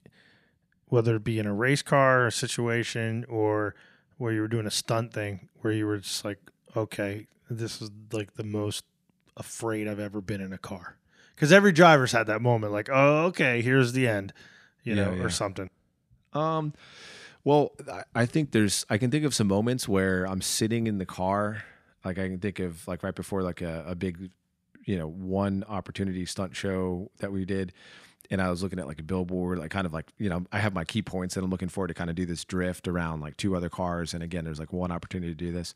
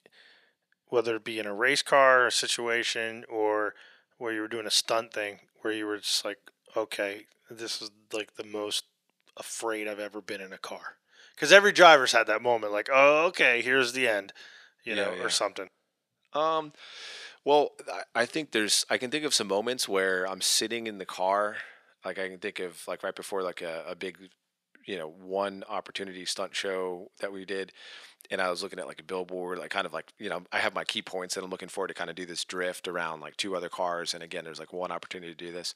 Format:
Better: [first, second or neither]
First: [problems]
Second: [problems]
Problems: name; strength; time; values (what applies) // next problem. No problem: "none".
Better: first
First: none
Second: thin; very; fading below 500 Hz